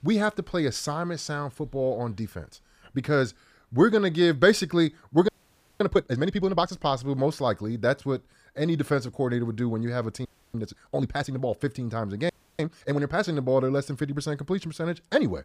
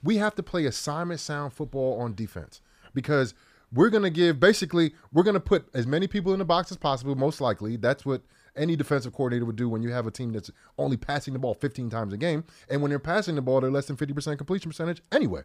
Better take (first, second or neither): second